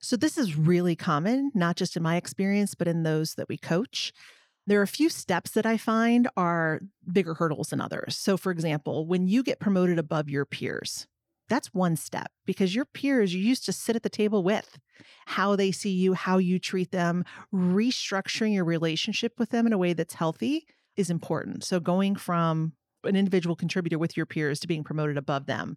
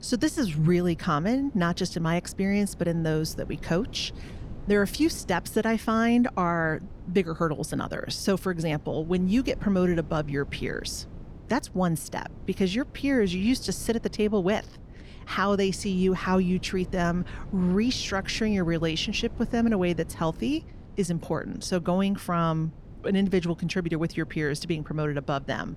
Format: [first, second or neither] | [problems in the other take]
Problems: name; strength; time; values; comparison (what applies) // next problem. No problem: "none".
first | wind noise on the microphone; occasional gusts; 25 dB below the speech